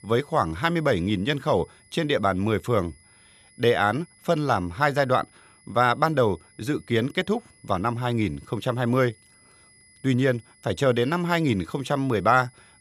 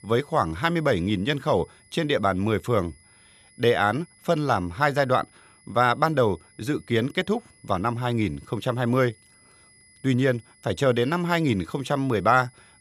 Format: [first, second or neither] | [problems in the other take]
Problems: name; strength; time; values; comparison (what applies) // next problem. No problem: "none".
neither | high-pitched whine; faint; throughout; 10.5 kHz, 30 dB below the speech; the same in both